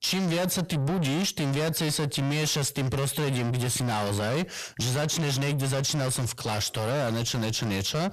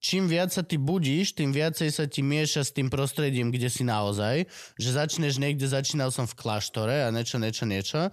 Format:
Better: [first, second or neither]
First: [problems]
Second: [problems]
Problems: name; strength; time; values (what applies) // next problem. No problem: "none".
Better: second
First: distortion; heavy; 7 dB below the speech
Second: none